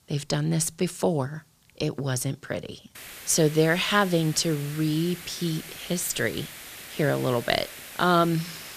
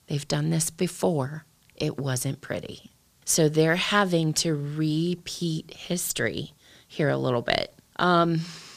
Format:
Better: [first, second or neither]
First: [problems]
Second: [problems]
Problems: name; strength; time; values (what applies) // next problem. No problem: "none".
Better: second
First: hiss; noticeable; from 3 s on; 15 dB below the speech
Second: none